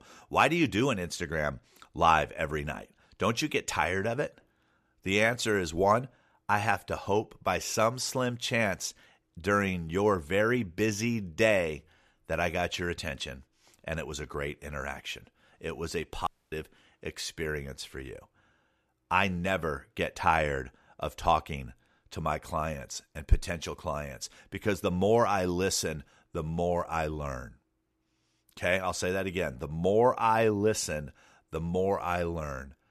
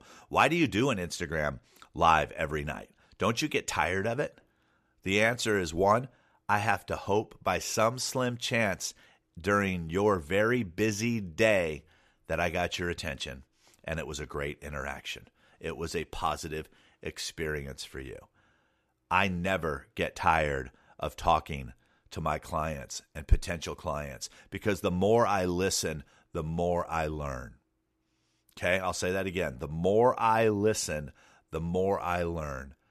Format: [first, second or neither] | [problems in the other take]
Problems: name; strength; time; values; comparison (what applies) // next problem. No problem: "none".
second | audio cutting out; at 16 s